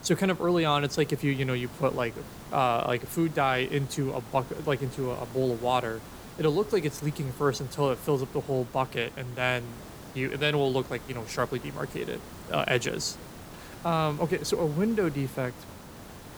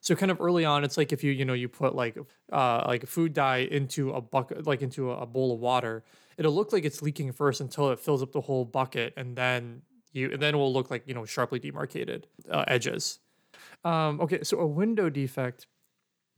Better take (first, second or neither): second